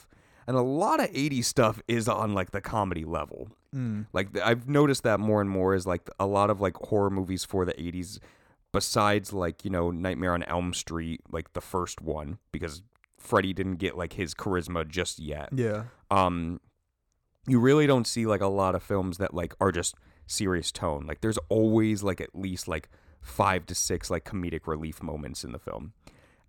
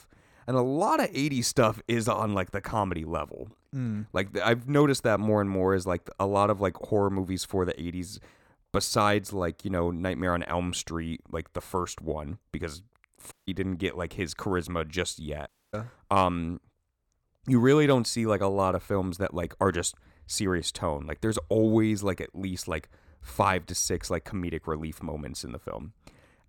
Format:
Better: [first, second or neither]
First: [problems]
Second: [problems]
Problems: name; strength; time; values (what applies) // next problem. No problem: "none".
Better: first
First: none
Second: audio cutting out; at 13 s and at 15 s